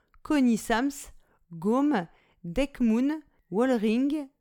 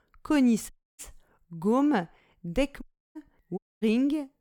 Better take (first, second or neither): first